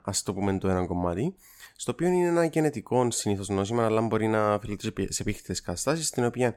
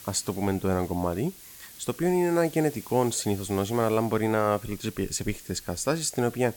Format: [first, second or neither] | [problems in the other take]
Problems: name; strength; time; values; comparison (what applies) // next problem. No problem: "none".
first | hiss; noticeable; throughout; 15 dB below the speech